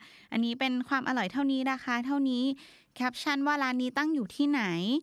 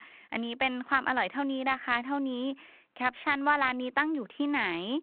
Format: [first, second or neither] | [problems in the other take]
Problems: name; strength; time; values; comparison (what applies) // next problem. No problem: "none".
first | phone-call audio